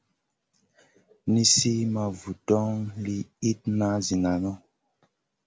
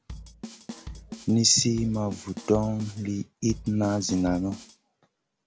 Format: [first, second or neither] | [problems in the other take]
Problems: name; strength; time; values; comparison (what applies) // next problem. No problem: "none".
first | background sound (Bass drum / Snare drum / Drum kit); 15 dB below the speech